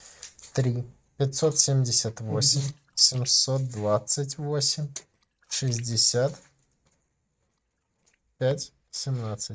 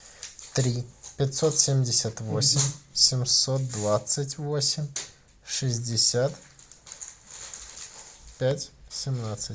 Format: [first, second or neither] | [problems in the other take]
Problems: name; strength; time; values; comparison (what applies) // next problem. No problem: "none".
second | noise reduction (neural mask model RNNoise)